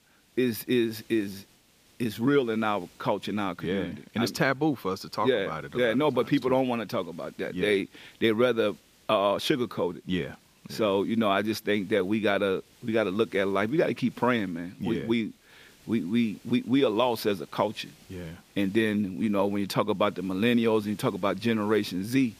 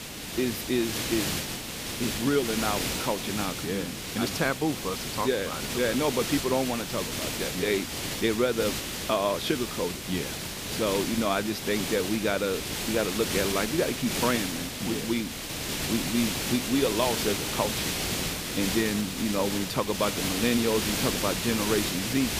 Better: first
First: hiss; faint; throughout; 30 dB below the speech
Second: hiss; loud; throughout; 2 dB below the speech

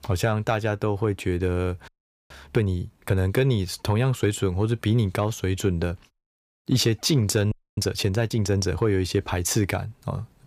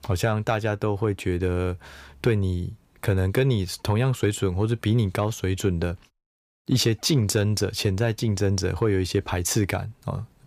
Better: second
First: audio freezing; at 2 s and at 7.5 s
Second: none

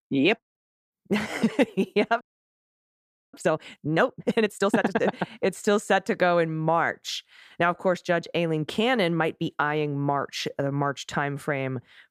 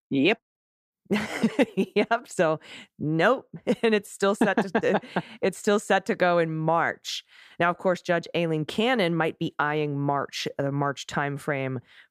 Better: second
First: audio freezing; at 2 s for 1 s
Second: none

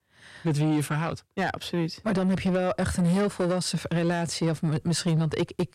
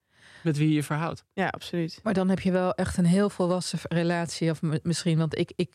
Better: second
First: distortion; slight; 10 dB below the speech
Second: none

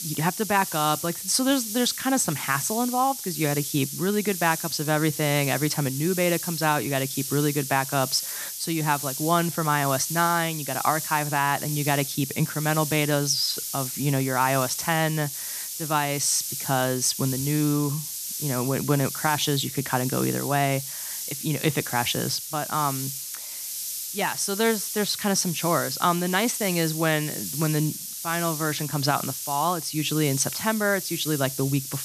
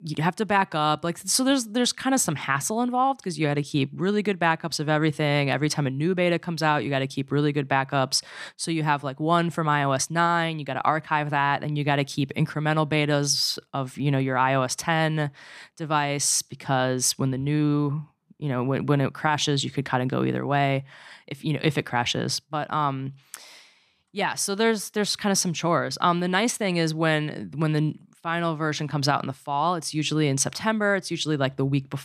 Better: second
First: hiss; loud; throughout; 5 dB below the speech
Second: none

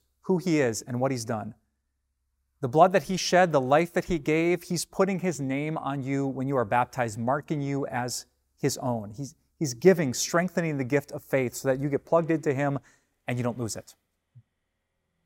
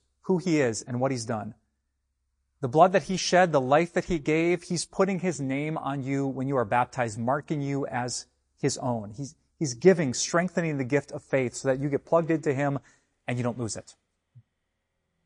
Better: first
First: none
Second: garbled, watery; slightly; nothing above 8.5 kHz

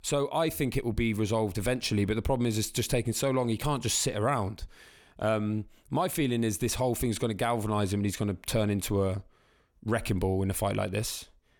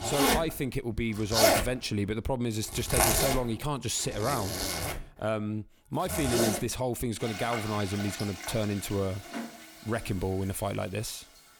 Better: first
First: none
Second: household noises; very loud; throughout; 2 dB above the speech

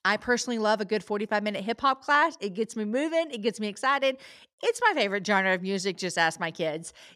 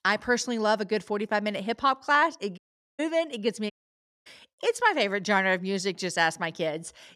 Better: first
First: none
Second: audio cutting out; at 2.5 s and at 3.5 s for 0.5 s

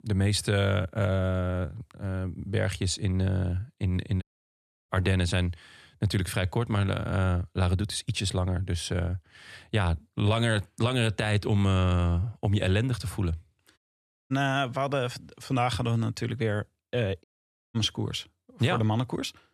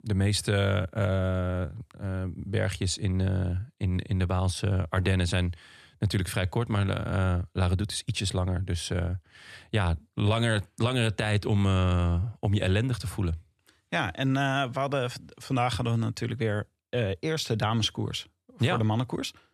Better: second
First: audio cutting out; at 4 s for 0.5 s, at 14 s for 0.5 s and at 17 s for 0.5 s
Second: none

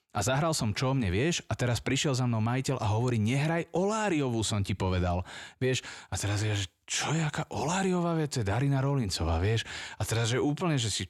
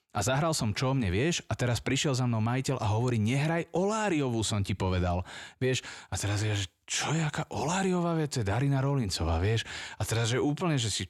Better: neither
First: none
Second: none

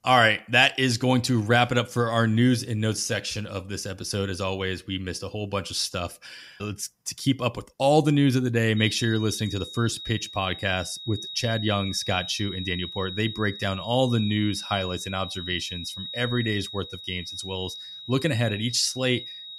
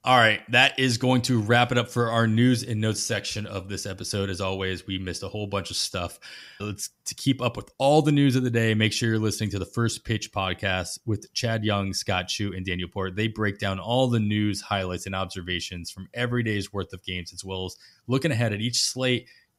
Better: second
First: high-pitched whine; loud; from 9 s on; 4 kHz, 10 dB below the speech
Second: none

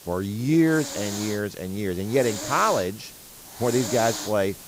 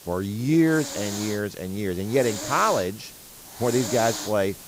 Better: neither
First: hiss; loud; throughout; 9 dB below the speech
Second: hiss; loud; throughout; 9 dB below the speech

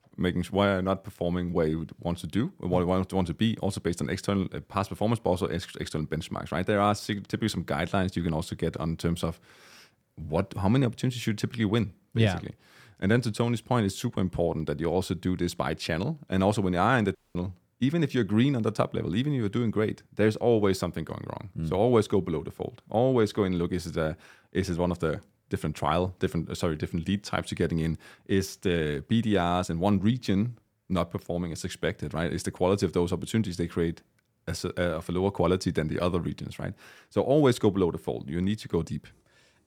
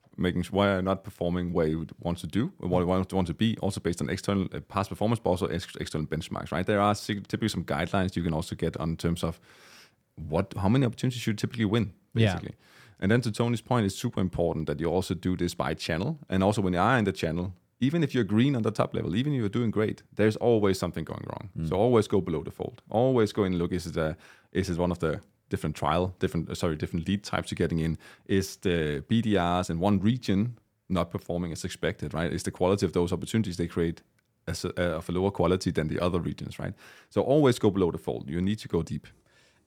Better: second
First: audio cutting out; at 17 s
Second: none

